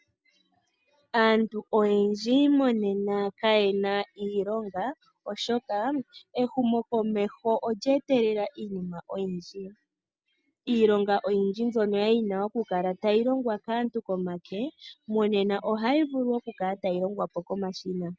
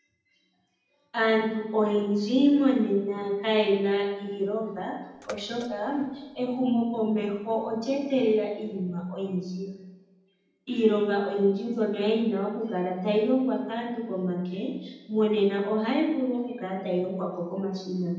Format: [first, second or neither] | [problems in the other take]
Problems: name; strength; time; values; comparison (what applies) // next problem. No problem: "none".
first | background sound (Bathtub (filling or washing) / Water / Splash, splatter); 20 dB below the speech // room echo; dies away in 0.9 s